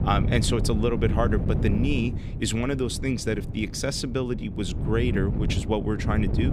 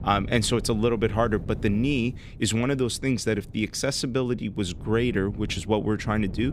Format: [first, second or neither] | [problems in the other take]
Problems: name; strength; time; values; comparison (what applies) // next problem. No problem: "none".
second | wind noise on the microphone; heavy; 9 dB below the speech; occasional gusts in the second